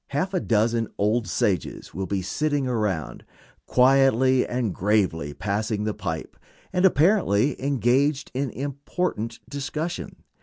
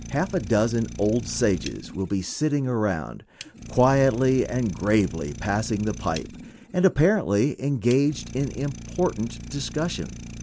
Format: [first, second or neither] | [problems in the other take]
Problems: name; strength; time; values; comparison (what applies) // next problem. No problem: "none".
first | background sound (Idling); 14 dB below the speech